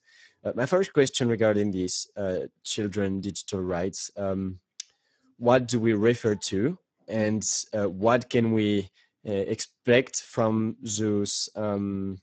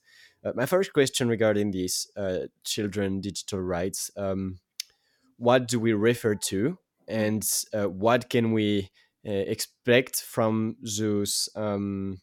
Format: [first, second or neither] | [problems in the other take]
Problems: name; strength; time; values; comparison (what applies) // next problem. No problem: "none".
second | garbled, watery; badly; nothing above 7.5 kHz